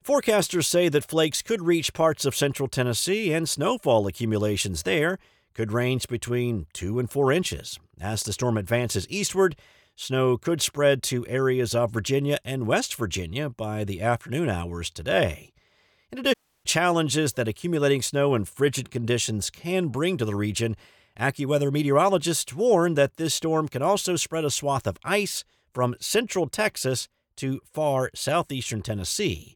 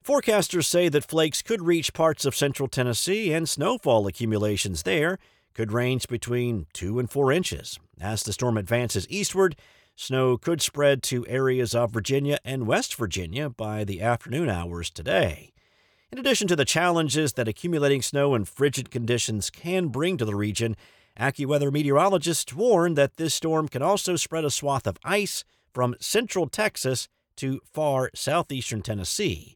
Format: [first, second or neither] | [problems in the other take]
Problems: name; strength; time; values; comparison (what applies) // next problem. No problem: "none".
second | audio cutting out; at 16 s